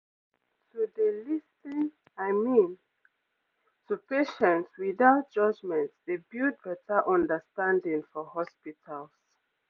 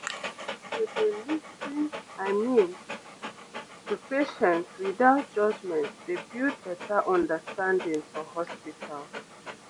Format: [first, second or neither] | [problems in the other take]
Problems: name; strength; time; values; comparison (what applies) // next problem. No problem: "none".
first | background sound (Dog); 12 dB below the speech